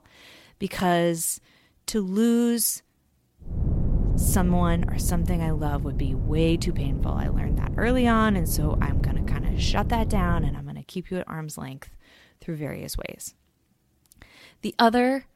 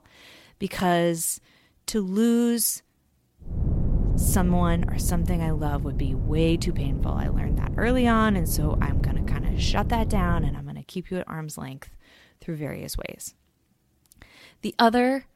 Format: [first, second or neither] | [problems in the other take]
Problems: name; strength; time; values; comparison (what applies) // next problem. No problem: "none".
neither | wind noise on the microphone; occasional gusts; from 3.5 to 11 s; 10 dB below the speech; the same in both